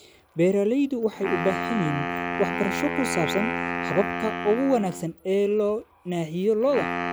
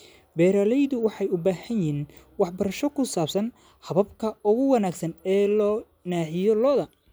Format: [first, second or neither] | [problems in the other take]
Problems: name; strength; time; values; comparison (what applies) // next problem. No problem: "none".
second | background sound (Wind instrument, woodwind instrument); 5 dB below the speech